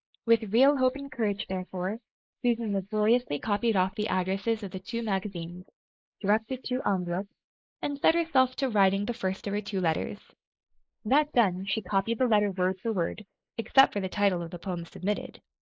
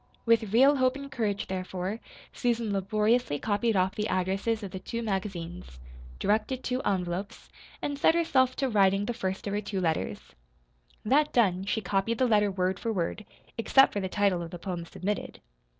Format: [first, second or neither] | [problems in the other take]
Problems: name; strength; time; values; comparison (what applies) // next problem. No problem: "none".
second | noise reduction (neural mask model Resemble Enhance denoiser)